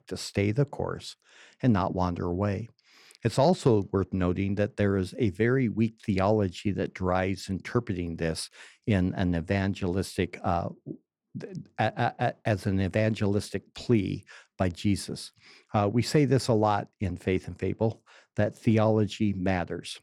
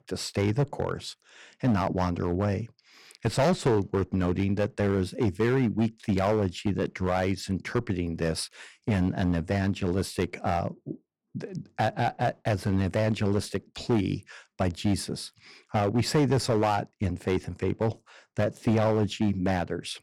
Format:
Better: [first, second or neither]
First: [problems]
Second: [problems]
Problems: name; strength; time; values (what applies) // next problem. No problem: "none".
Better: first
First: none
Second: distortion; slight; 6% of the sound clipped